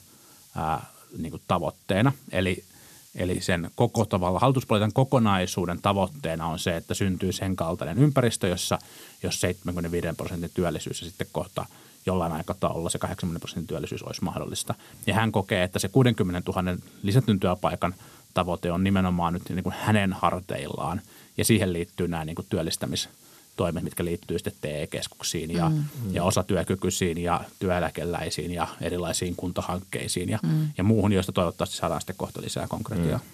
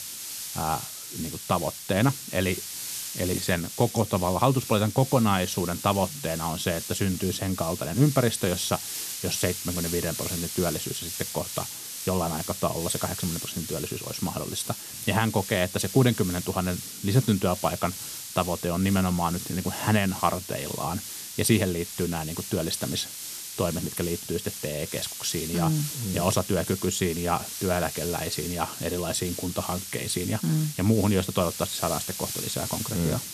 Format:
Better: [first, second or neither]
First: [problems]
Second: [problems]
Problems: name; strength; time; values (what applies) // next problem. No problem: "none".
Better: first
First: hiss; faint; throughout; 25 dB below the speech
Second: hiss; loud; throughout; 6 dB below the speech